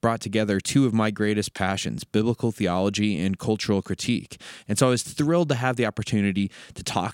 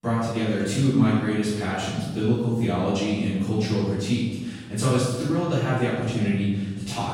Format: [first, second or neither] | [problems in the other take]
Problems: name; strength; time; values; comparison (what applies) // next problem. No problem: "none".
first | off-mic speech; far // room echo; strong; dies away in 1.4 s